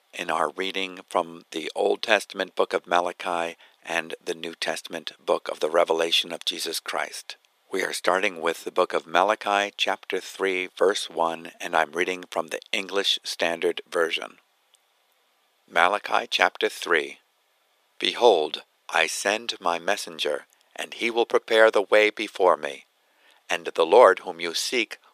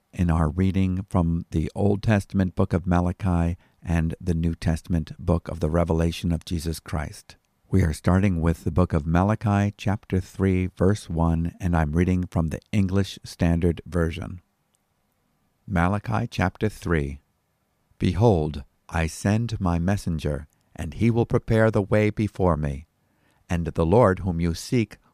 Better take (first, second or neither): second